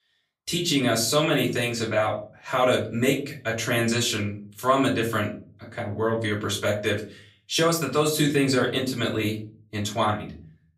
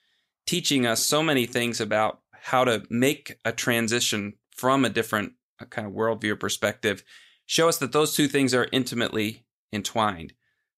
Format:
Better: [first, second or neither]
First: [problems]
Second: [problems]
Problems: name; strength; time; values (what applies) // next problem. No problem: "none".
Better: second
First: off-mic speech; far // room echo; very slight; dies away in 0.5 s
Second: none